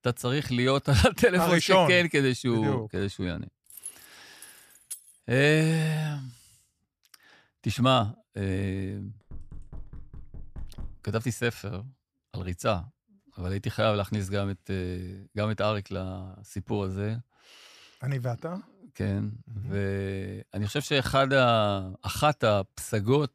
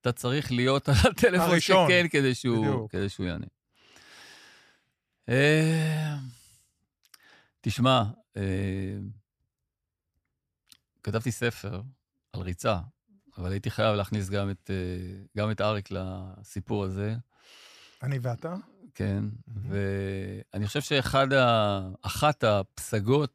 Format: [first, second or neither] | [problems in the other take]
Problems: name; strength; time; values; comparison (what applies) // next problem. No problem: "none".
second | jangling keys; faint; from 3.5 to 5 s; peak 15 dB below the speech // door banging; faint; from 9.5 to 11 s; peak 15 dB below the speech